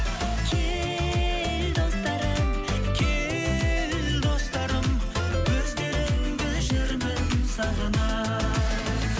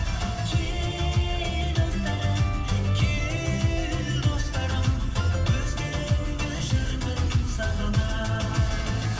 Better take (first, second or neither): first